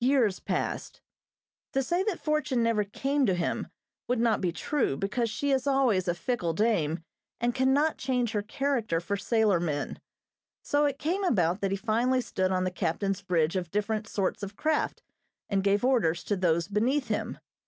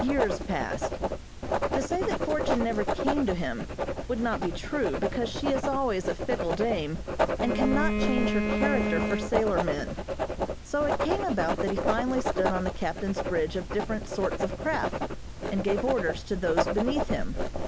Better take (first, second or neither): first